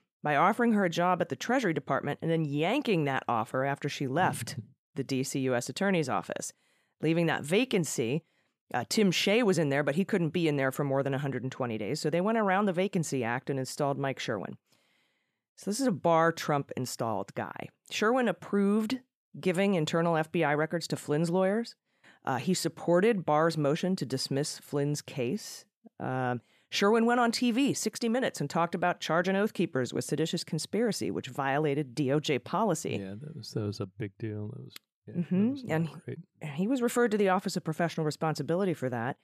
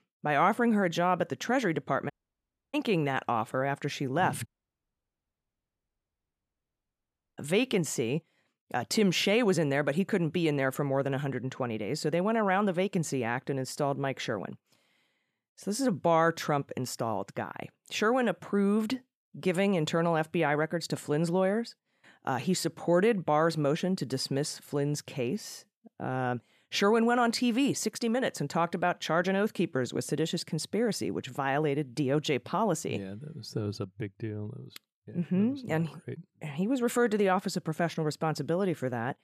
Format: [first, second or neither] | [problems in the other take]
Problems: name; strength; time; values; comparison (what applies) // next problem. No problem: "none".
first | audio cutting out; at 2 s for 0.5 s and at 4.5 s for 3 s